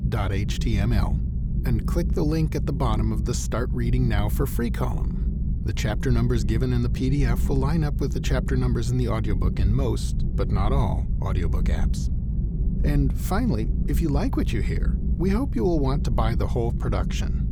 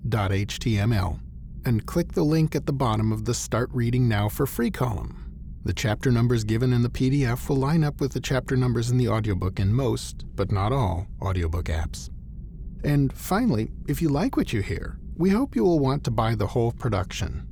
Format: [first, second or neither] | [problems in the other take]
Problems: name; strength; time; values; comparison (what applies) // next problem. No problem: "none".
second | low rumble; loud; throughout; 9 dB below the speech; faint in the second